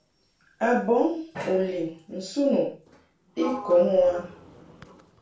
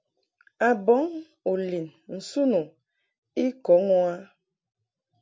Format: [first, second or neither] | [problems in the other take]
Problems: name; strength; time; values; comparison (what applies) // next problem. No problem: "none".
second | background sound (Sliding door); 17 dB below the speech // room echo; dies away in 0.3 s